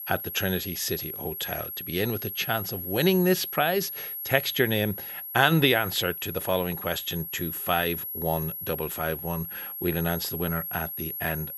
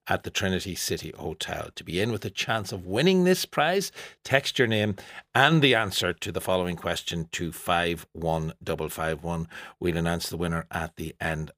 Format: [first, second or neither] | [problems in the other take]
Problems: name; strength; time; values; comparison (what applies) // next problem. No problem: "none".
second | high-pitched whine; loud; throughout; 11.5 kHz, 5 dB below the speech